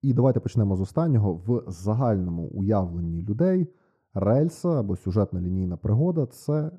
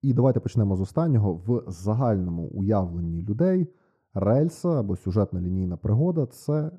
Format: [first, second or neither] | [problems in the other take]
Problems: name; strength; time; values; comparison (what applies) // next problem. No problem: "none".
neither | muffled; very; fading above 2 kHz; the same in both